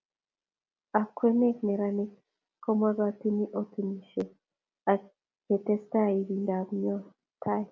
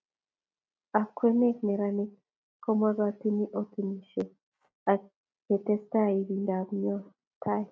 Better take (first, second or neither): first